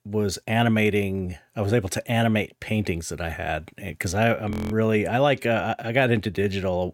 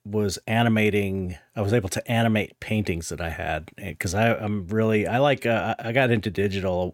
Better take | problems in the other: second | audio freezing; at 4.5 s

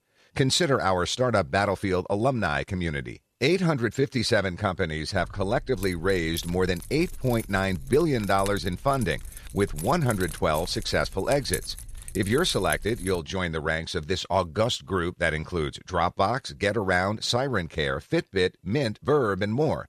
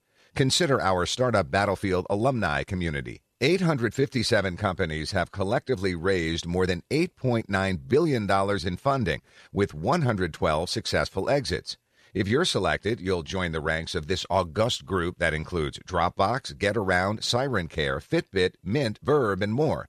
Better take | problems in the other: second | jangling keys; noticeable; from 5 to 13 s; peak 7 dB below the speech

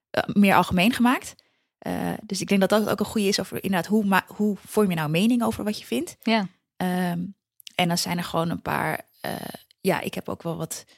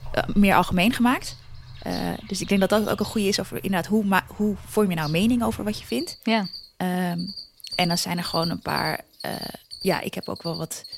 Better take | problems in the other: first | animal sounds; noticeable; throughout; 15 dB below the speech

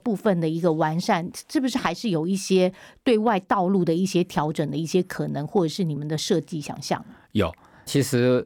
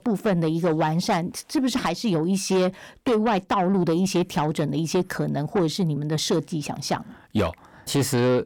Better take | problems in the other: first | distortion; slight; 10 dB below the speech

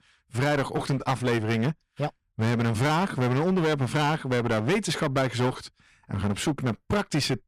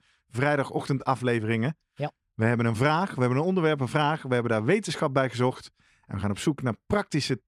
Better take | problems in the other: second | distortion; heavy; 17% of the sound clipped

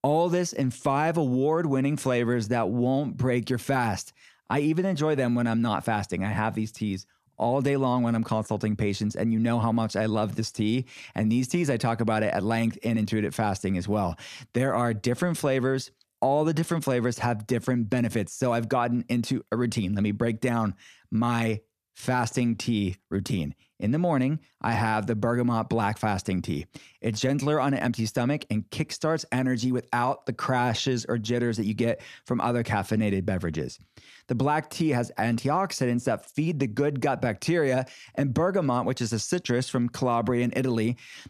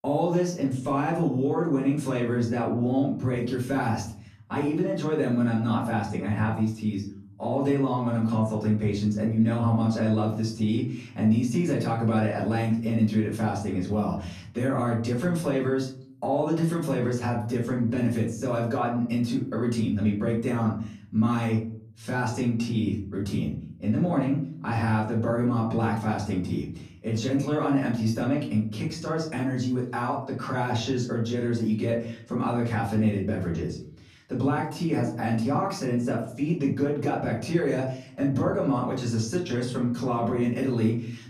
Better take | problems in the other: first | room echo; slight; dies away in 0.6 s // off-mic speech; far

